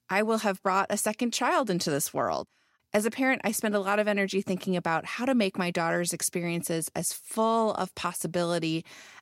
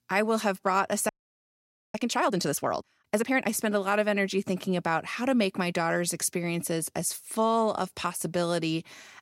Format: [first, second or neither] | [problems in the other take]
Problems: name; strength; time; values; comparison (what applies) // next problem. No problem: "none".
first | audio freezing; at 1 s for 1 s